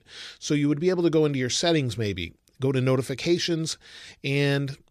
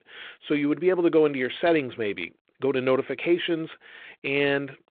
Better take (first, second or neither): first